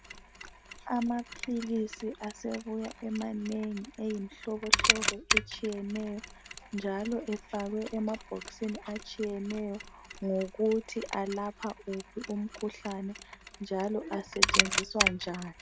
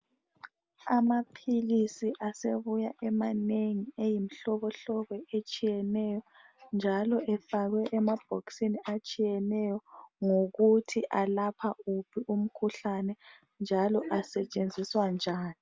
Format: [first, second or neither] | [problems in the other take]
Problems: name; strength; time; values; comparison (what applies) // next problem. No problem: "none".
second | background sound (Mechanisms); 1 dB below the speech